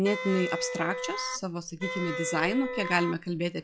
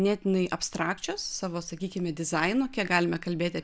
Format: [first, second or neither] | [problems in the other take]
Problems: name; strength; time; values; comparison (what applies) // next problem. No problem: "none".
second | noise reduction (classical method log-MMSE)